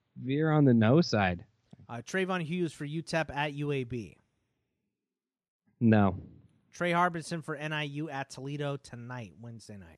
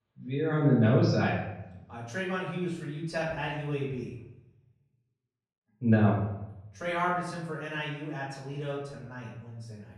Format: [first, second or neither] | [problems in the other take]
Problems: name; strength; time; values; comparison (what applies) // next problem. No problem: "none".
first | off-mic speech; far // room echo; noticeable; dies away in 0.8 s